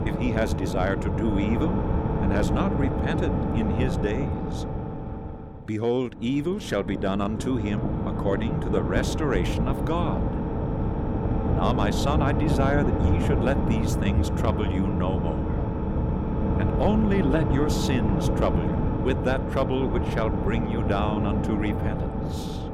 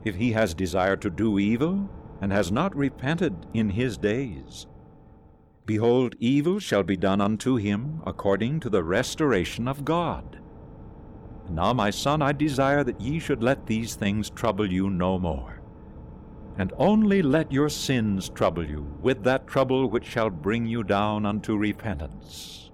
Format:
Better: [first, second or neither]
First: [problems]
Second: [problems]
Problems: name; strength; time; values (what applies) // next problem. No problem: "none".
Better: second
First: low rumble; loud; throughout; 2 dB below the speech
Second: low rumble; faint; throughout; 25 dB below the speech